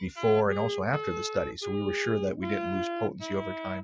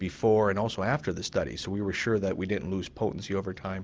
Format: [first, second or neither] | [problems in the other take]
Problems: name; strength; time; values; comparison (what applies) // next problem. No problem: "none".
second | noise reduction (classical method Wiener filter)